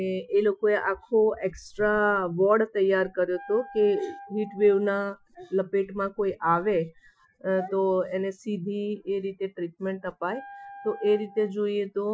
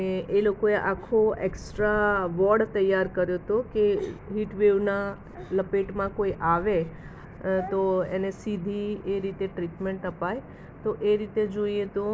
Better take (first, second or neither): second